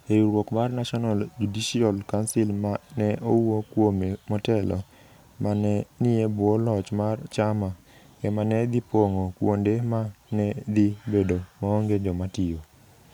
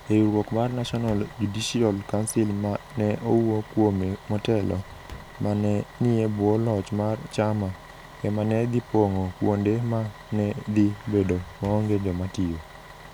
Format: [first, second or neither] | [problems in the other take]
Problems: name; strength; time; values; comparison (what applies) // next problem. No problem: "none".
first | background sound (Walk, footsteps + Bus); 19 dB below the speech